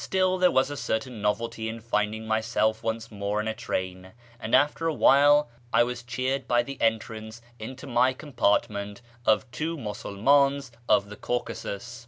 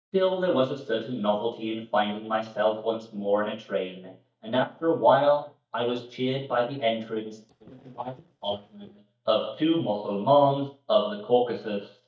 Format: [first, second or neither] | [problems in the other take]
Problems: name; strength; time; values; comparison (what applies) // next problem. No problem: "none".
first | noise reduction (neural mask model DeepFilterNet 3)